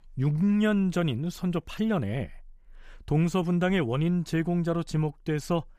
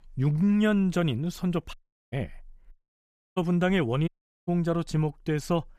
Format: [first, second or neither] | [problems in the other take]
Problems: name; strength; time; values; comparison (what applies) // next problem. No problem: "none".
first | audio cutting out; at 1.5 s, at 2.5 s for 0.5 s and at 4 s